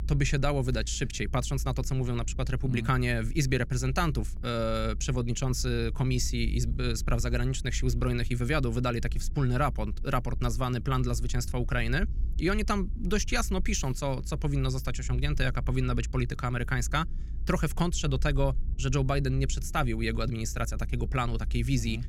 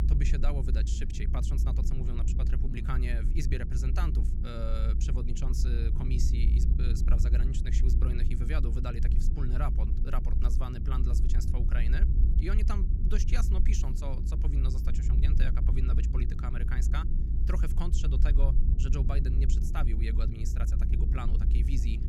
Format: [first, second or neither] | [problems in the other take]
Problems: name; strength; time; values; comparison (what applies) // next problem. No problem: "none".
first | low rumble; loud; throughout; 5 dB below the speech; faint in the first